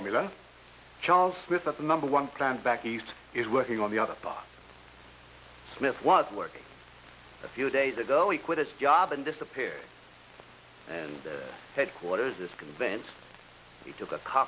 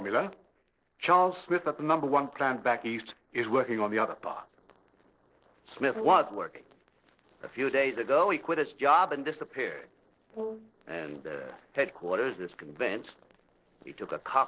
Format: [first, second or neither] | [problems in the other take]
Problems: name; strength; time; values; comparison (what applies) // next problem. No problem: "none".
first | noise reduction (neural separator model SepFormer DNS4)